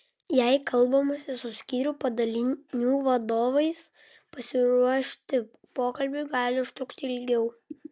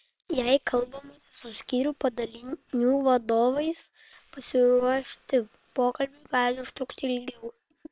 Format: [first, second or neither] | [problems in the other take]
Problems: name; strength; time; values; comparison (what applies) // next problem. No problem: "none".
first | noise reduction (neural separator model SepFormer WHAM!)